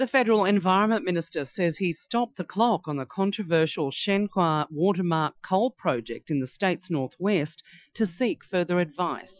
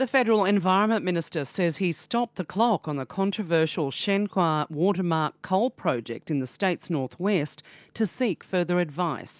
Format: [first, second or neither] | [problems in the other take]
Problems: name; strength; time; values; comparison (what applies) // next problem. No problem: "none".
second | noise reduction (classical method Wiener filter)